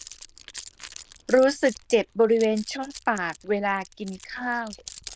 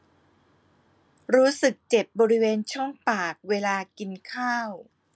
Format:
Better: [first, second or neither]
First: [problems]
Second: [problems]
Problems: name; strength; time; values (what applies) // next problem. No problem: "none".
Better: second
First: noise reduction (neural diffusion model UNIVERSE++)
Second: none